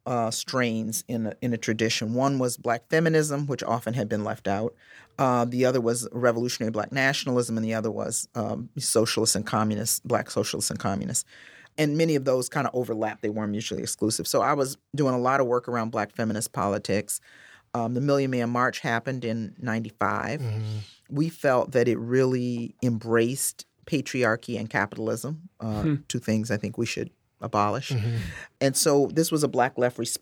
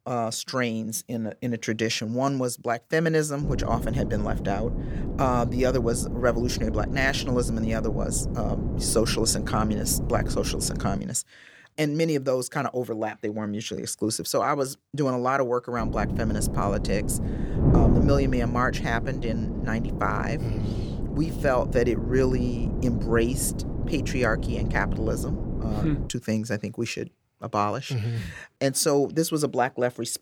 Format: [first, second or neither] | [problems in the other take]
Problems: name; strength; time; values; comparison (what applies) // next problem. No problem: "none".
first | wind noise on the microphone; heavy; from 3.5 to 11 s and from 16 to 26 s; 9 dB below the speech